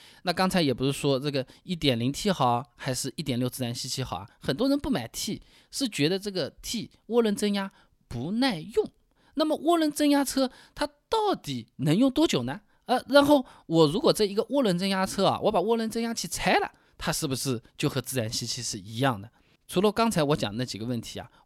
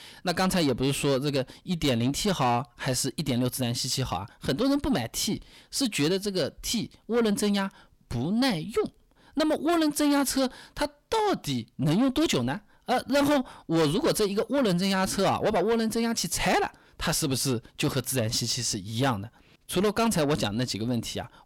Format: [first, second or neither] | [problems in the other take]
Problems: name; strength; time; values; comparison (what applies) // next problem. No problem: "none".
first | distortion; heavy; 8 dB below the speech